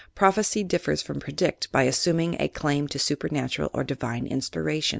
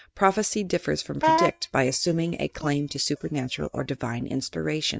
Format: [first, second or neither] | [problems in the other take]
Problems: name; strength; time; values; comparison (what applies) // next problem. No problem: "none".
first | noise reduction (neural mask model DeepFilterNet 3)